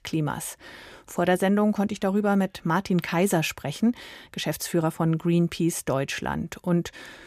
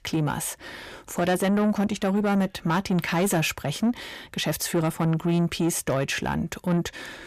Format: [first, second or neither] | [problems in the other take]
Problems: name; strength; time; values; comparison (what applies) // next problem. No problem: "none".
first | distortion; slight; 10 dB below the speech